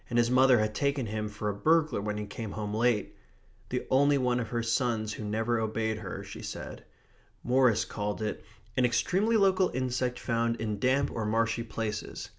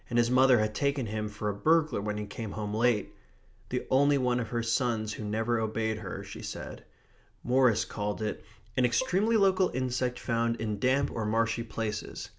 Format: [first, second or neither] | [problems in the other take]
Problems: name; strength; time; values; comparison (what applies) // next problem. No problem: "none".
first | background sound (Bowed string instrument); 19 dB below the speech